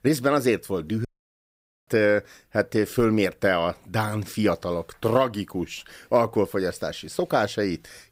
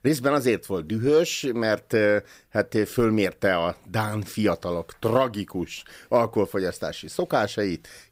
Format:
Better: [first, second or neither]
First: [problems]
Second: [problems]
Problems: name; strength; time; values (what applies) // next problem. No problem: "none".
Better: second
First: audio cutting out; at 1 s for 1 s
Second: none